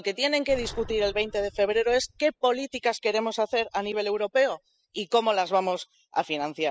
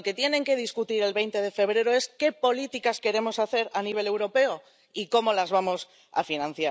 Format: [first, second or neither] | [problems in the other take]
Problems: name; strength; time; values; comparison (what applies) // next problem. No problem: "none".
second | noise reduction (classical method spectral subtraction)